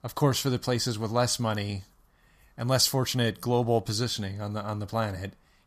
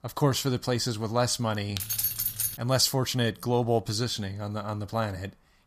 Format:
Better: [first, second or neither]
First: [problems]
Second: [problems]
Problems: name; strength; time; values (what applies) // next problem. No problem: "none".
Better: first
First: none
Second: jangling keys; loud; at 2 s; peak 2 dB above the speech